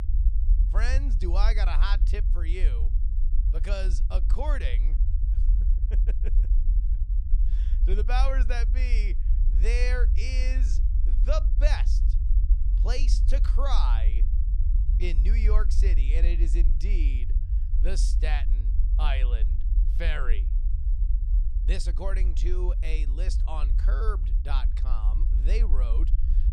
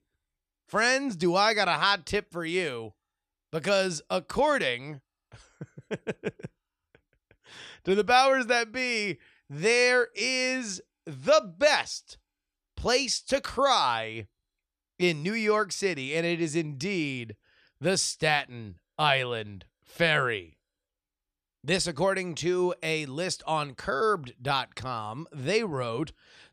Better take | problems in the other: second | low rumble; noticeable; throughout; 10 dB below the speech

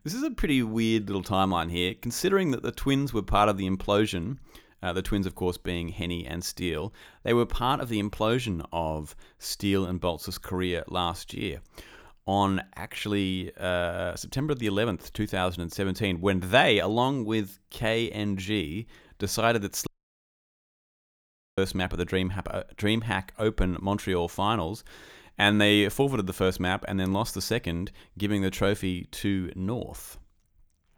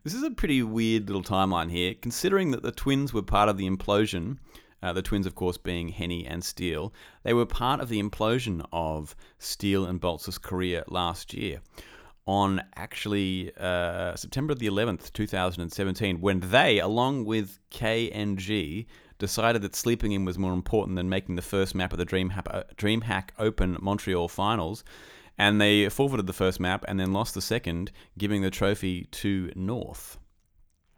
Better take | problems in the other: second | audio cutting out; at 20 s for 1.5 s

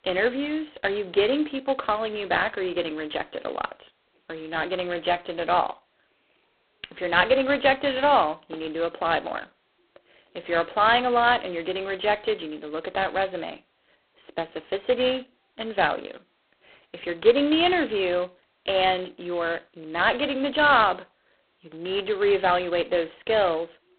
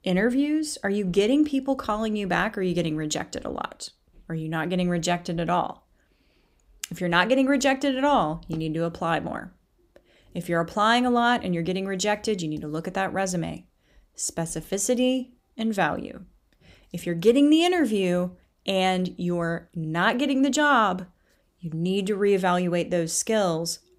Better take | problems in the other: second | phone-call audio; poor line; nothing above 4 kHz

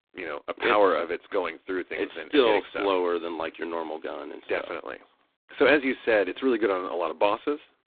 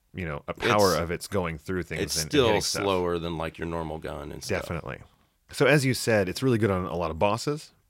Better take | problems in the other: second | phone-call audio; poor line; nothing above 3.5 kHz

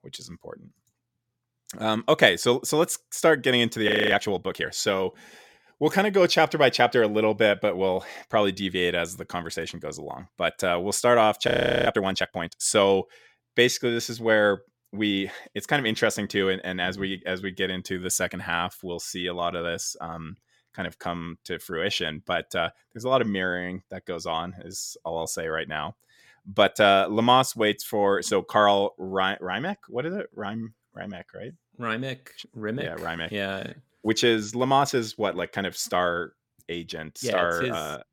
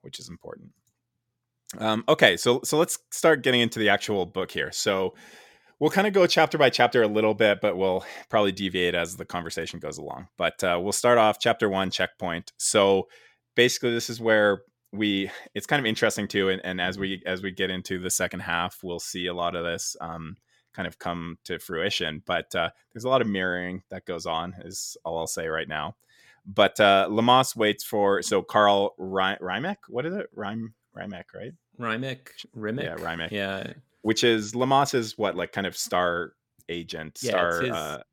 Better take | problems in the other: second | audio freezing; at 4 s and at 11 s

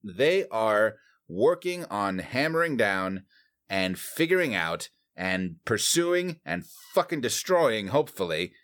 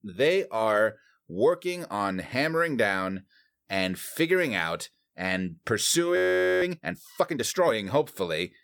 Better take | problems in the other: first | audio freezing; at 6 s

